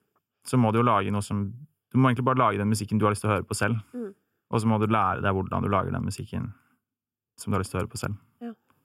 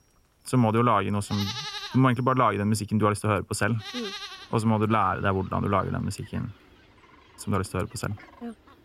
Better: first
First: none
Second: animal sounds; noticeable; throughout; 10 dB below the speech

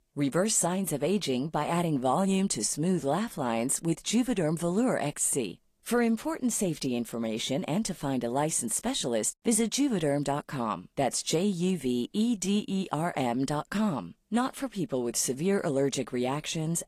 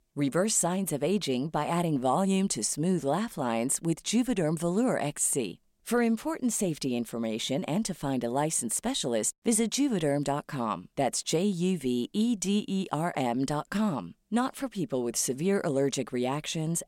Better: second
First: garbled, watery; slightly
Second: none

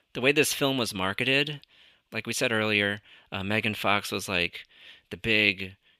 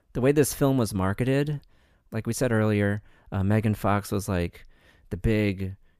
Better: second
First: thin; very slightly; fading below 350 Hz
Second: none

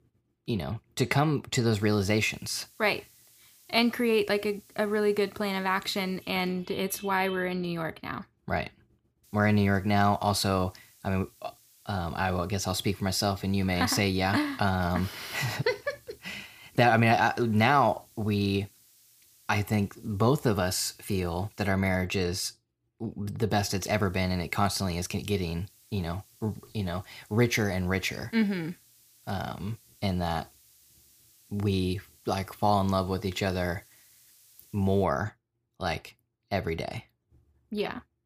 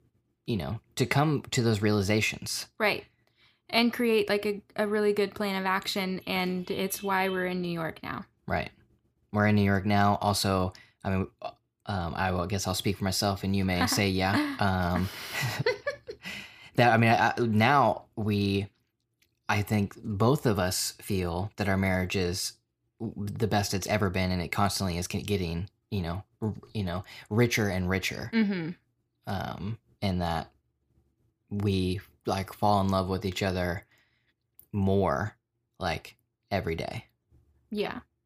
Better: second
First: hiss; faint; from 1.5 to 6.5 s, from 9 to 22 s and from 24 to 35 s; 30 dB below the speech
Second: none

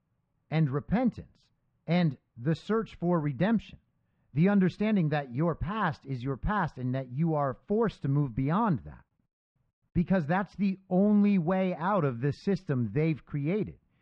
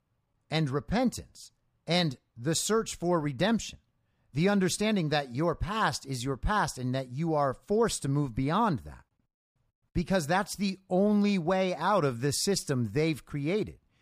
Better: second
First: muffled; very; fading above 2.5 kHz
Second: none

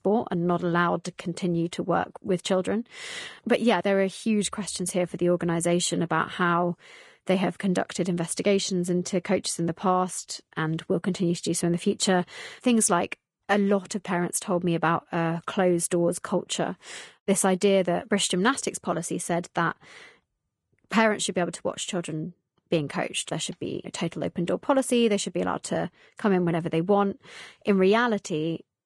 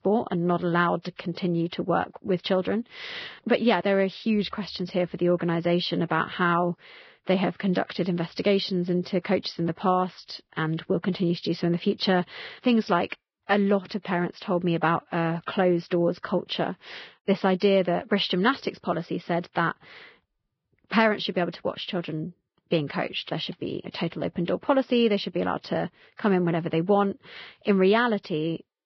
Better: first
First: garbled, watery; slightly; nothing above 10.5 kHz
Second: garbled, watery; badly; nothing above 5 kHz

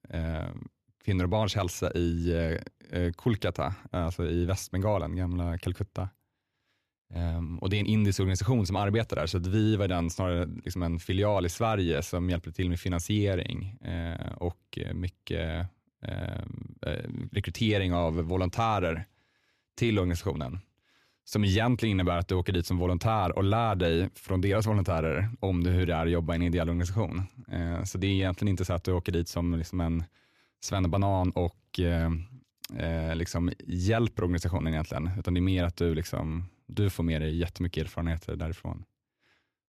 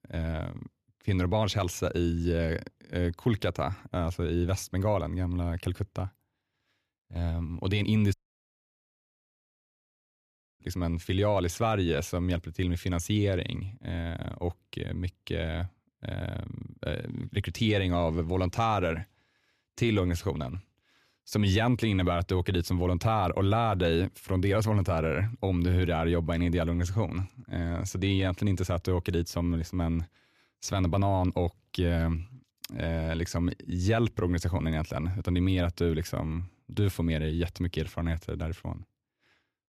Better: first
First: none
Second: audio cutting out; at 8 s for 2.5 s

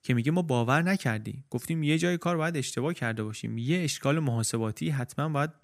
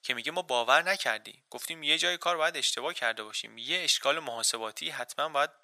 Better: first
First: none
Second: thin; very; fading below 850 Hz

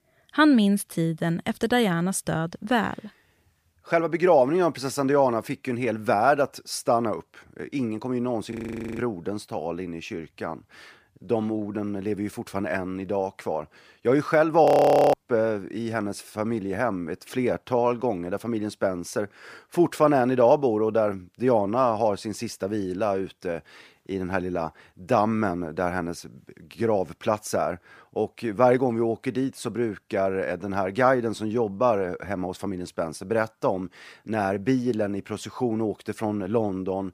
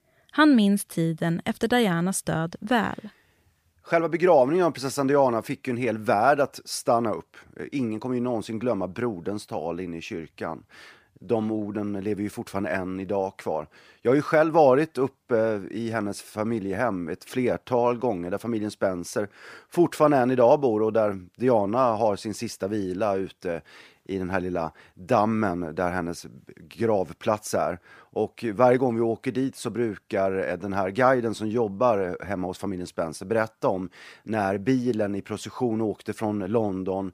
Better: second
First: audio freezing; at 8.5 s and at 15 s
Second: none

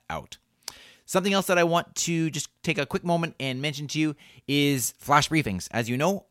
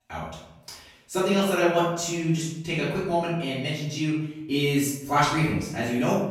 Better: first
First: none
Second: off-mic speech; far // room echo; noticeable; dies away in 0.8 s

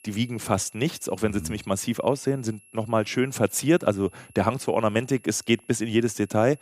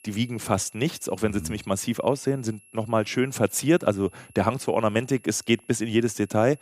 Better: neither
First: high-pitched whine; faint; throughout; 11 kHz, 25 dB below the speech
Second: high-pitched whine; faint; throughout; 11 kHz, 25 dB below the speech

